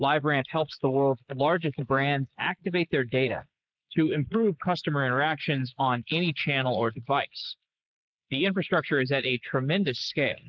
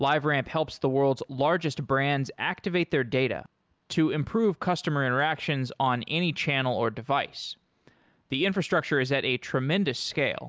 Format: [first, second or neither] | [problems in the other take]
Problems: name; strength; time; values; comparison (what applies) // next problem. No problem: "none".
second | noise reduction (neural mask model Resemble Enhance denoiser)